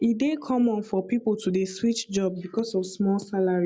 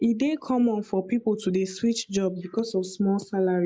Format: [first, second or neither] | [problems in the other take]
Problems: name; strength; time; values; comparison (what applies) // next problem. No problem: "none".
first | noise reduction (neural mask model Resemble Enhance denoiser)